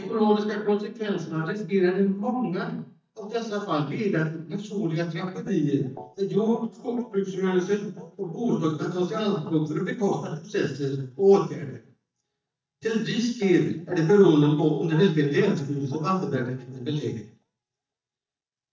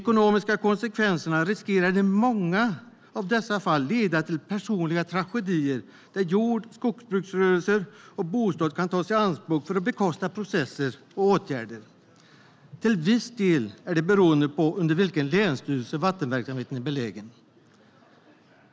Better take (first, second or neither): second